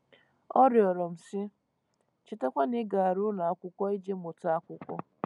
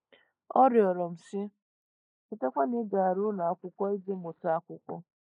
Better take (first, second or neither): first